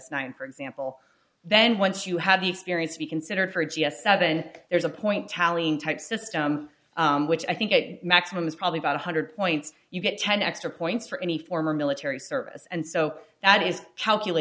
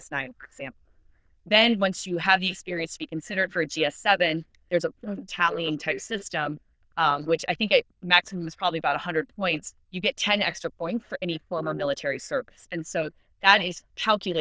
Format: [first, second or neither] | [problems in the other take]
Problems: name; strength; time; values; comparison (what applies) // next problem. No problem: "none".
first | noise reduction (neural diffusion model UNIVERSE++)